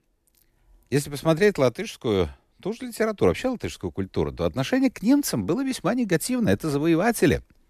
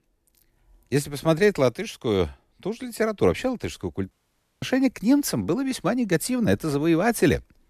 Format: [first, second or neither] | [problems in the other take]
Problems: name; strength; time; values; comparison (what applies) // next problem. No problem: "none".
first | audio cutting out; at 4 s for 0.5 s